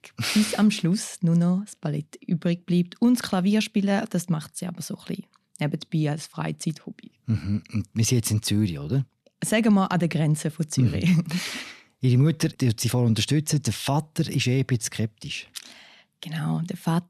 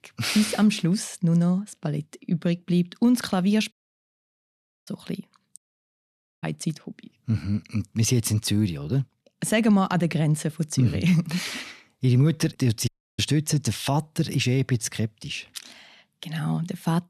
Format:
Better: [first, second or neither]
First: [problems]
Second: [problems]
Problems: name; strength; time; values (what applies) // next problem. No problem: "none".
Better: first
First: none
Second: audio cutting out; at 3.5 s for 1 s, at 5.5 s for 1 s and at 13 s